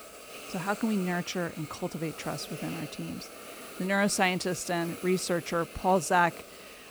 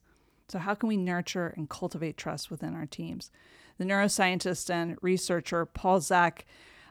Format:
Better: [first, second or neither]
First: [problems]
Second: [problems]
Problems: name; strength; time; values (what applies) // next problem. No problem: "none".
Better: second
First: hiss; noticeable; throughout; 15 dB below the speech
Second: none